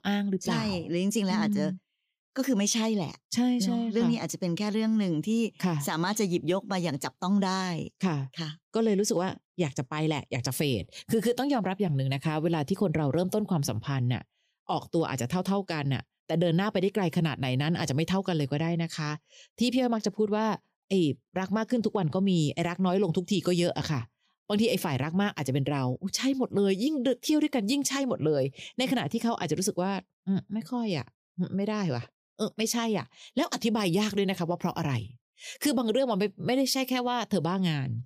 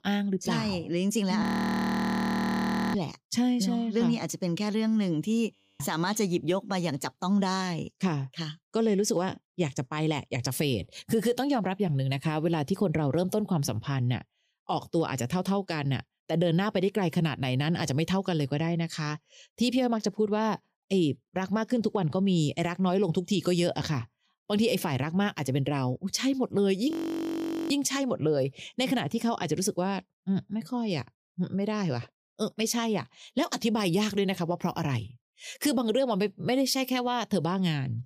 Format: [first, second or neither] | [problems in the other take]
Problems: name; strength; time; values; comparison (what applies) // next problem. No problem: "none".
first | audio freezing; at 1.5 s for 1.5 s, at 5.5 s and at 27 s for 1 s